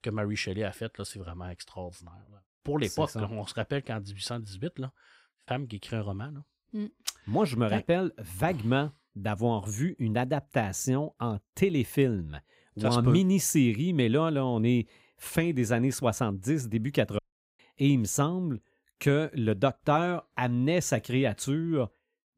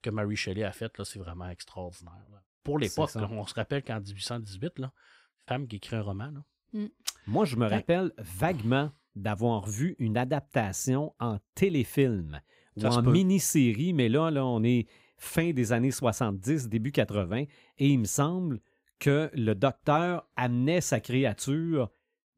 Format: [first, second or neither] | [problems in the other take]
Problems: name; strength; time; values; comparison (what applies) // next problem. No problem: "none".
second | audio cutting out; at 17 s